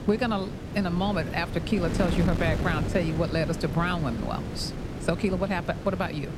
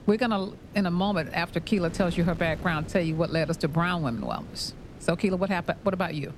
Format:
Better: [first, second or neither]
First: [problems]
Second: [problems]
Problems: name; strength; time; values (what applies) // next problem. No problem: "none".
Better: second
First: wind noise on the microphone; heavy; 8 dB below the speech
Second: wind noise on the microphone; occasional gusts; 20 dB below the speech